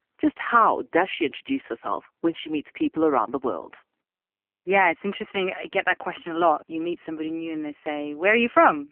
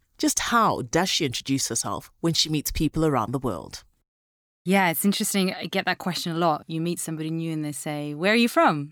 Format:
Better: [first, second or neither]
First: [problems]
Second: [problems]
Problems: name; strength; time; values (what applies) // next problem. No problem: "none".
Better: second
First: phone-call audio; poor line; nothing above 3 kHz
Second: none